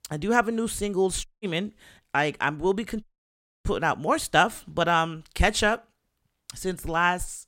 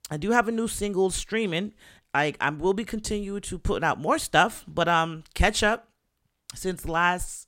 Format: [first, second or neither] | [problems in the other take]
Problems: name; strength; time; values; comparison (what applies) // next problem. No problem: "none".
second | audio cutting out; at 1.5 s and at 3 s for 0.5 s